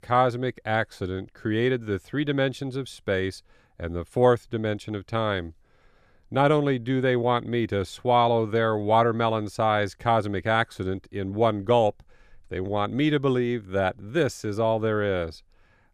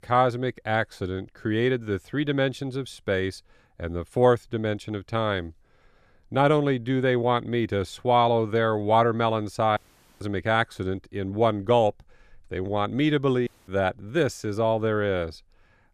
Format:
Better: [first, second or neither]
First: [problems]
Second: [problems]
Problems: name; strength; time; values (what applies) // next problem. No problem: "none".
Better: first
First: none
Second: audio cutting out; at 10 s and at 13 s